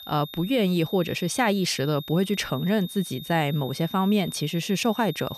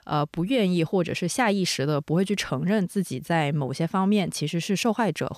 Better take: second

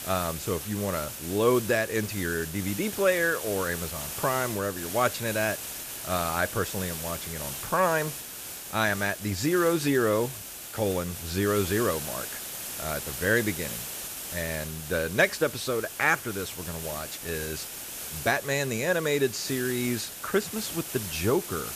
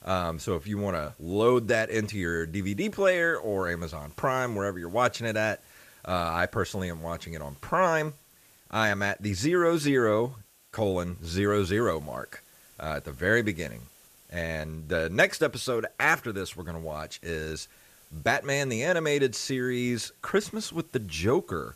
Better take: second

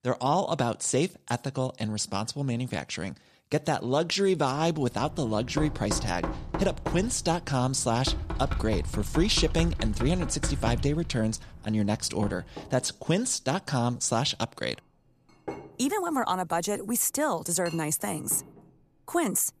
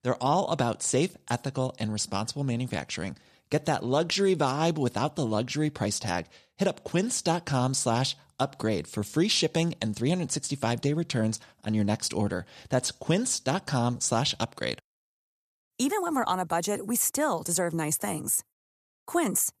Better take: second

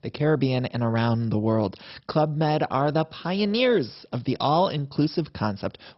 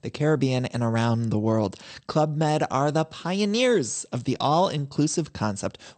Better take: second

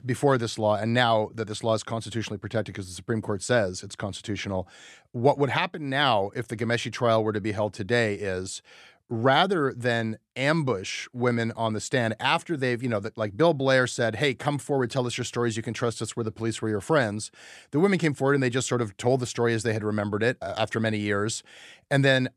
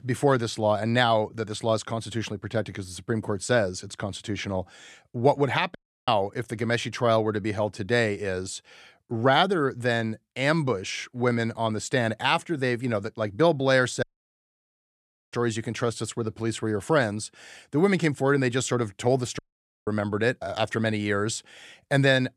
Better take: first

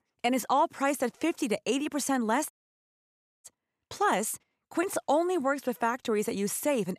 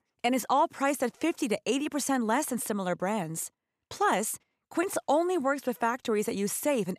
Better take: second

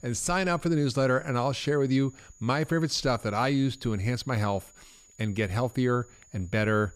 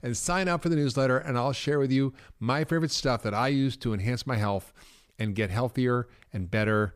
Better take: second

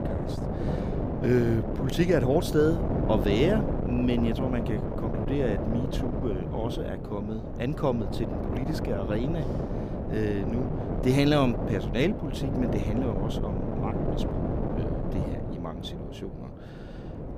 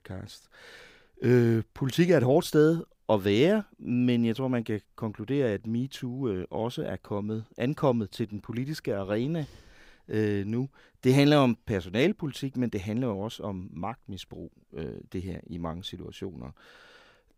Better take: second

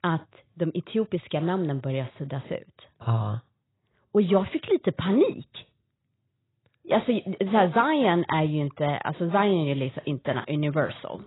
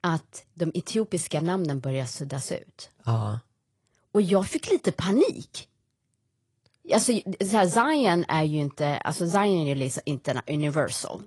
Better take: second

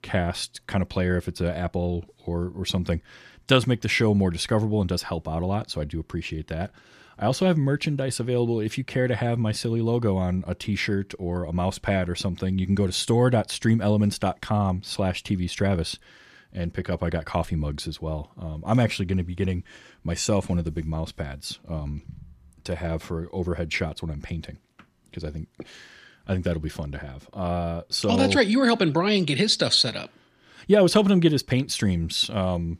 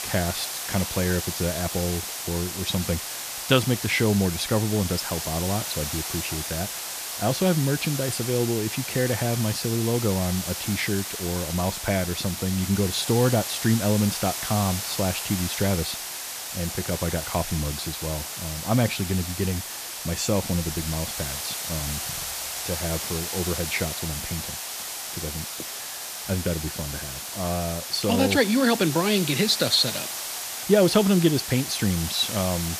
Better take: first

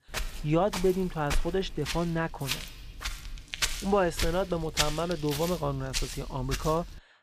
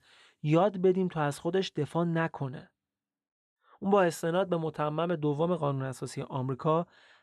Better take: second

